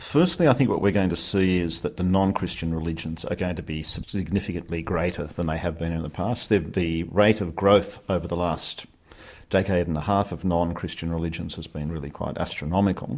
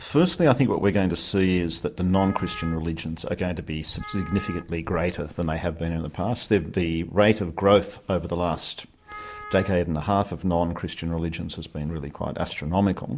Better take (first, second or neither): first